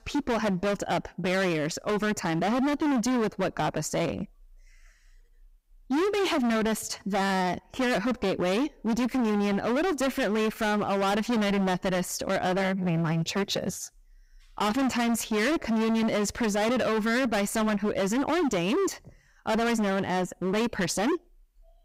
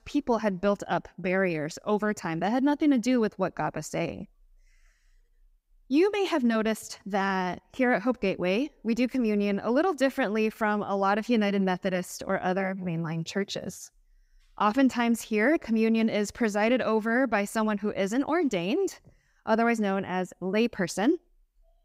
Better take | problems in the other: second | distortion; heavy; 28% of the sound clipped

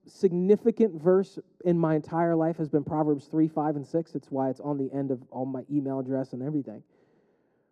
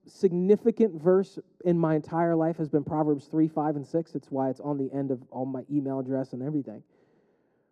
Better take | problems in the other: neither | muffled; very; fading above 1.5 kHz; the same in both

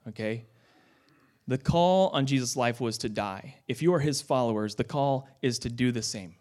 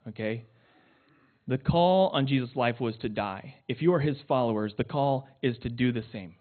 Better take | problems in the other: first | garbled, watery; badly; nothing above 4 kHz

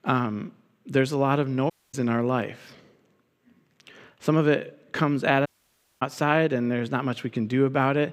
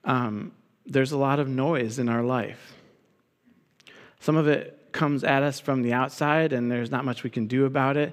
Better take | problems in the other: second | audio cutting out; at 1.5 s and at 5.5 s for 0.5 s

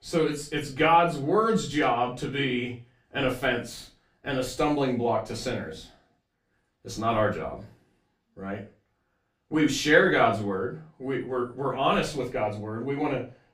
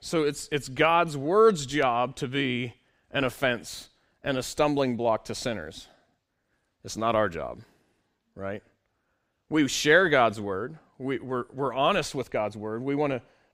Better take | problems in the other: second | off-mic speech; far // room echo; very slight; dies away in 0.3 s

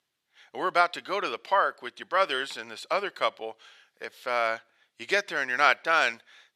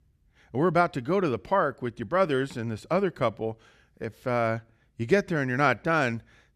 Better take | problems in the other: second | thin; very; fading below 750 Hz

